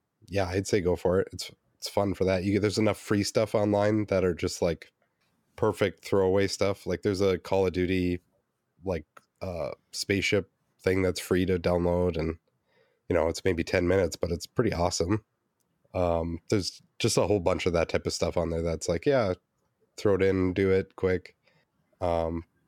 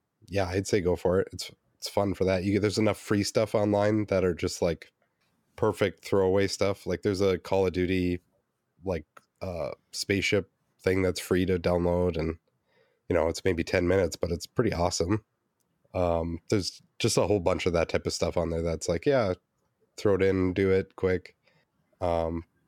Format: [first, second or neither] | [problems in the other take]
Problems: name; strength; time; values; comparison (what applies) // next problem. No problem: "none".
neither | none